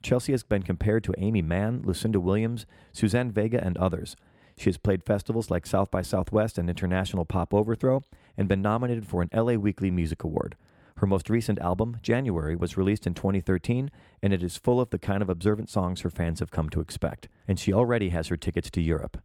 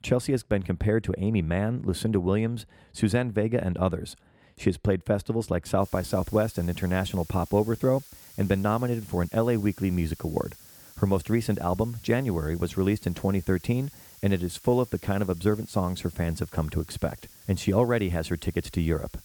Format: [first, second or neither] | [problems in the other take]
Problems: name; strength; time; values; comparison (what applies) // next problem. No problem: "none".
first | hiss; faint; from 6 s on; 20 dB below the speech